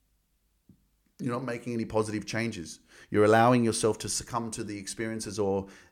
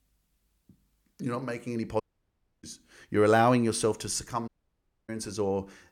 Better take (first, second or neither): first